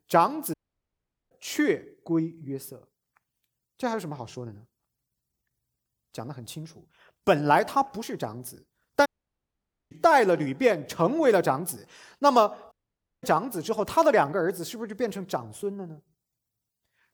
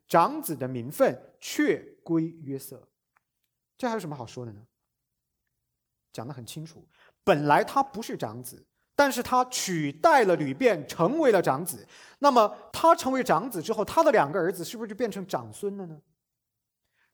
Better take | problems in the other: second | audio cutting out; at 0.5 s for 1 s, at 9 s for 1 s and at 13 s for 0.5 s

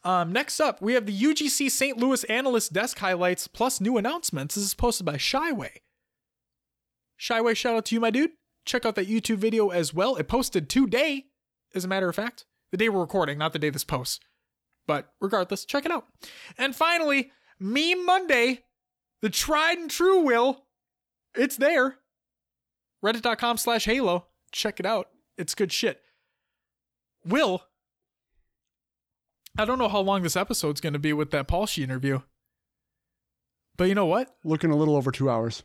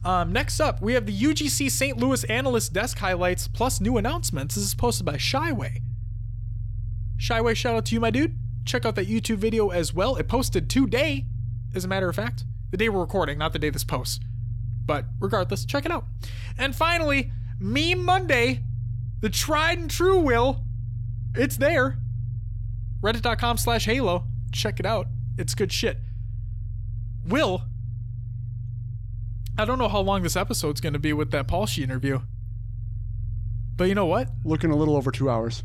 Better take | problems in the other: first | low rumble; faint; throughout; 20 dB below the speech

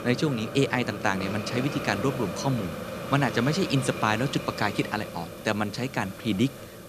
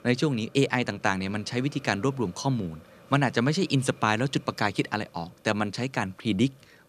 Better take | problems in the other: second | hiss; loud; throughout; 8 dB below the speech; faint in the second

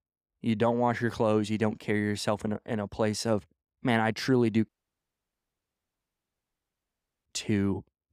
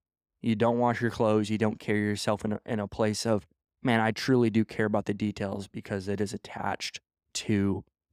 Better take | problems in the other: second | audio cutting out; at 4.5 s for 2.5 s

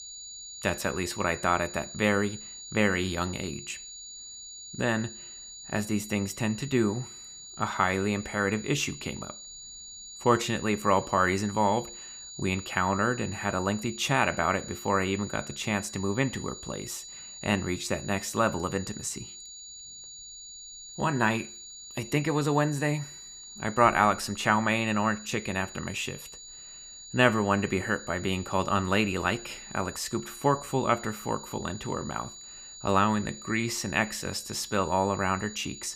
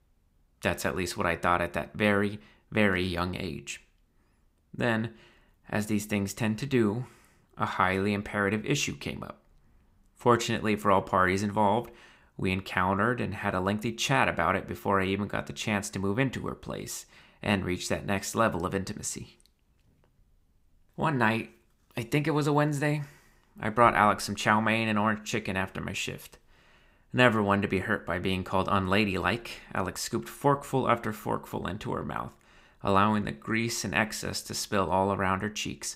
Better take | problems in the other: second | high-pitched whine; noticeable; throughout; 7 kHz, 15 dB below the speech

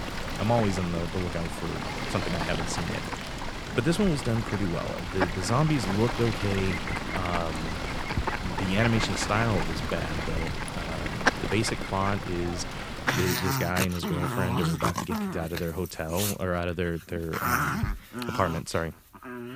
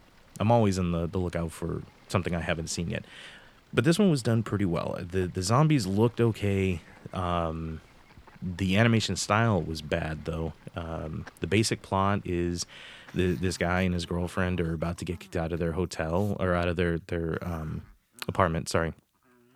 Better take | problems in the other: second | animal sounds; loud; throughout; 1 dB below the speech; faint in the second

